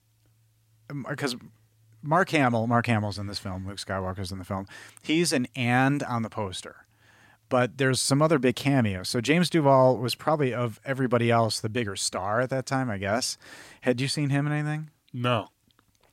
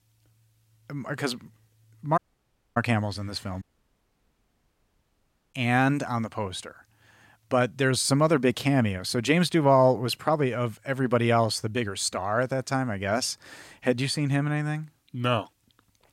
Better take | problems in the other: first | audio cutting out; at 2 s for 0.5 s and at 3.5 s for 2 s

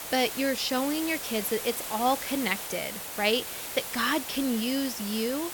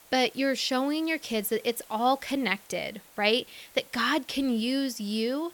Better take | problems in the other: second | hiss; loud; throughout; 6 dB below the speech; faint in the second

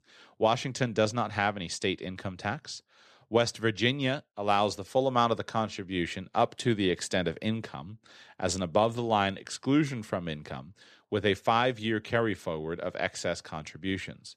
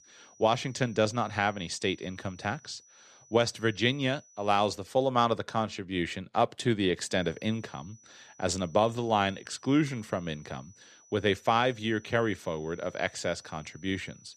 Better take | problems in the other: first | high-pitched whine; faint; until 4.5 s and from 7 s on; 6 kHz, 25 dB below the speech

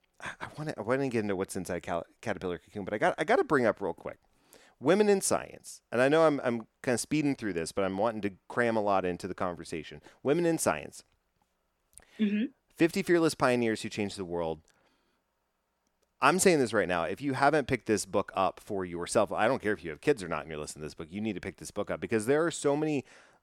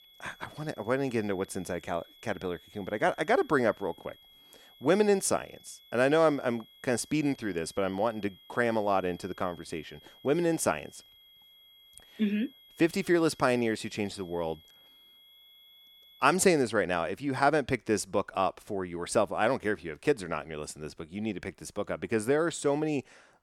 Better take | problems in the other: first | high-pitched whine; faint; until 16 s; 3.5 kHz, 25 dB below the speech

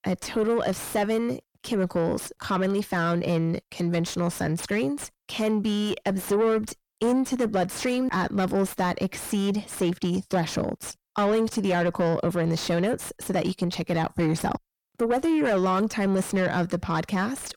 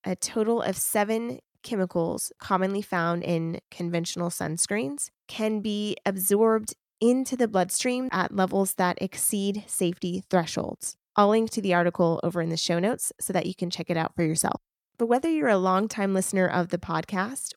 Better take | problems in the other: second | distortion; heavy; 6 dB below the speech

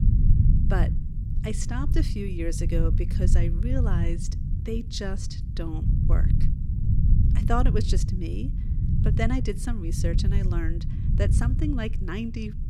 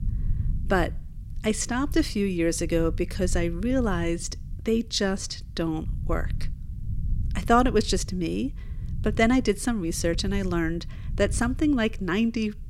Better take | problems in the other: second | low rumble; loud; throughout; 6 dB below the speech; faint in the second

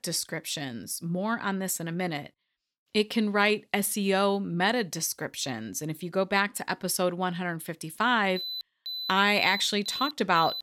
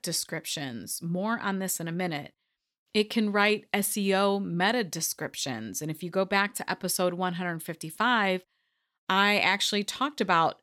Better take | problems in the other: second | alarm; noticeable; from 8.5 s on; peak 6 dB below the speech

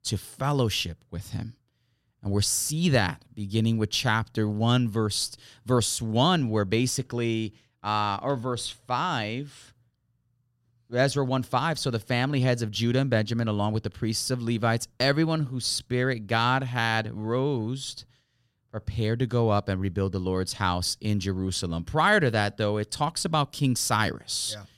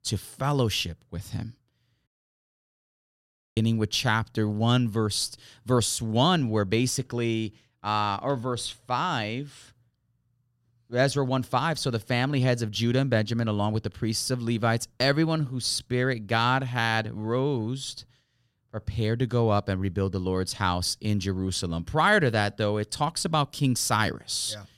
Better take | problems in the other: first | audio cutting out; at 2 s for 1.5 s

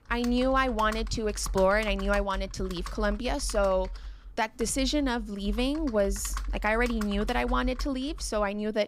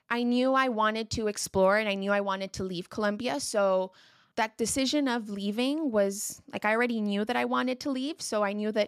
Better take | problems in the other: second | keyboard typing; noticeable; peak 8 dB below the speech

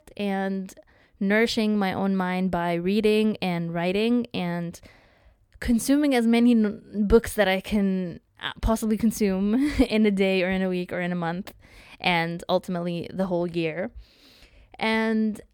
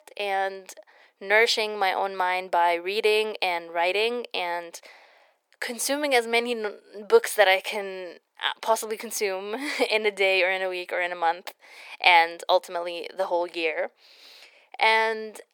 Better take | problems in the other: first | thin; very; fading below 450 Hz

